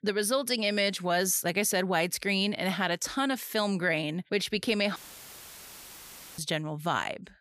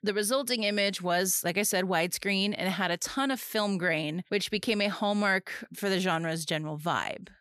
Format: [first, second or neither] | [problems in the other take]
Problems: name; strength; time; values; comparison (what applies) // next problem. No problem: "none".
second | audio cutting out; filled with static; at 5 s for 1.5 s